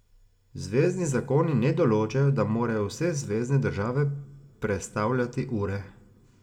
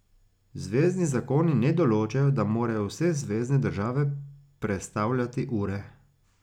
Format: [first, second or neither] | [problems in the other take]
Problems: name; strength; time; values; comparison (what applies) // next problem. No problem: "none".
second | room echo; dies away in 0.6 s